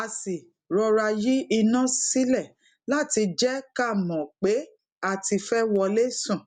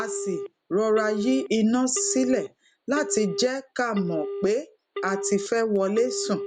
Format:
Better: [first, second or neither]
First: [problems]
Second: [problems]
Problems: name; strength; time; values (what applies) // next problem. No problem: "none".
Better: first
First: none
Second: background sound (Telephone); 9 dB below the speech